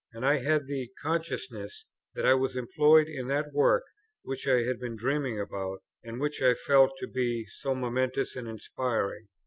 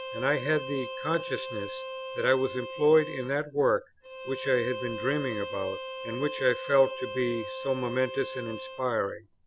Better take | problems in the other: first | background sound (Bowed string instrument); 9 dB below the speech

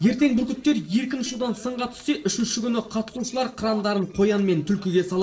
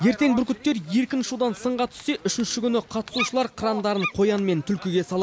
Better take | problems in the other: second | noise reduction (neural separator model SepFormer DNS4)

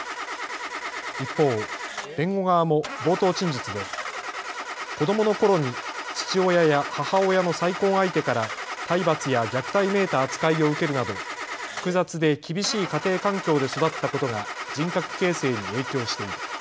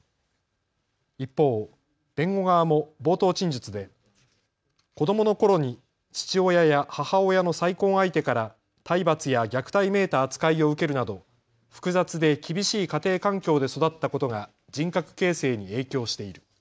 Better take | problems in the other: second | background sound (Engine starting / Car); 8 dB below the speech

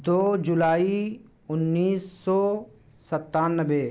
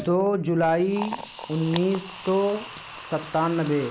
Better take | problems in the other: first | background sound (Liquid); 14 dB below the speech

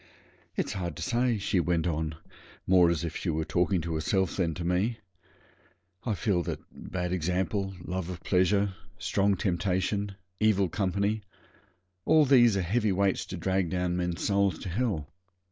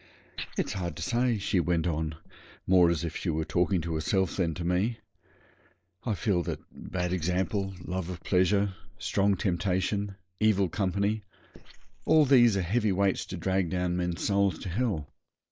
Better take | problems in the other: first | noise reduction (neural mask model Resemble Enhance denoiser)

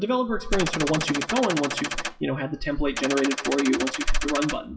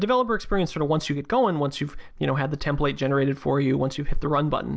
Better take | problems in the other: second | noise reduction (classical method WPE with log-MMSE)

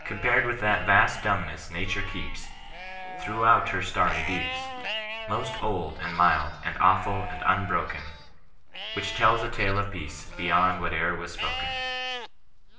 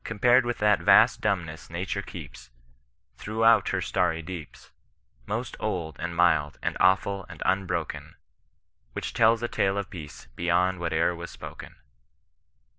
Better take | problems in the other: second | background sound (Livestock, farm animals, working animals); 10 dB below the speech // room echo; dies away in 0.8 s

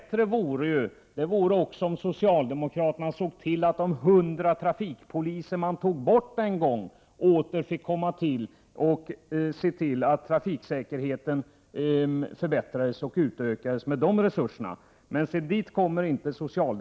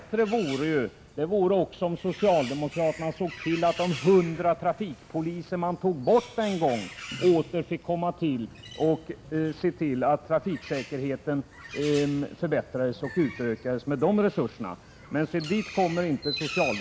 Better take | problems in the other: first | background sound (Bird); 15 dB below the speech

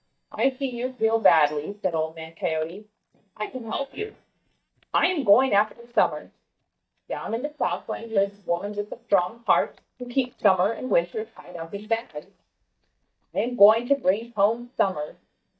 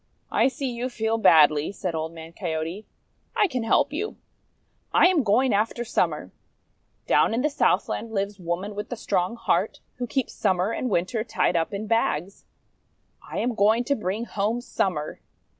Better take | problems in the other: second | noise reduction (neural mask model DeepFilterNet 3)

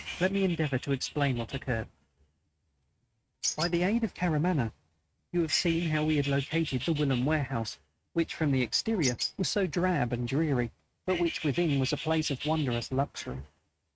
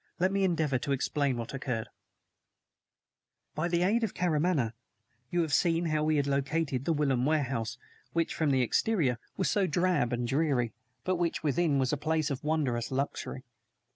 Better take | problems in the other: second | noise reduction (neural mask model RNNoise)

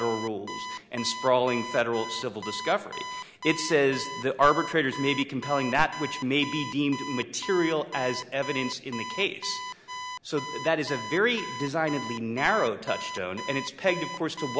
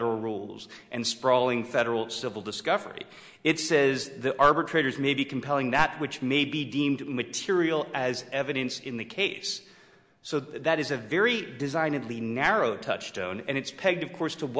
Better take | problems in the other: second | background sound (Alarm); 10 dB below the speech

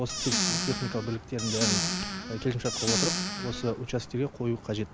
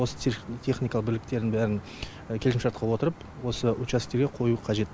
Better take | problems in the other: second | background sound (Squeak / Cupboard open or close); 1 dB above the speech

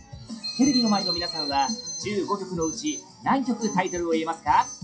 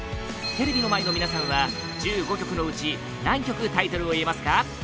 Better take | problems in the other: second | noise reduction (classical method WPE with log-MMSE)

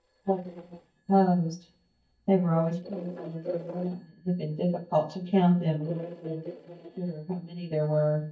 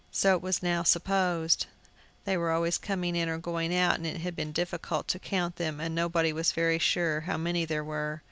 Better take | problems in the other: second | noise reduction (neural mask model DeepFilterNet 3)

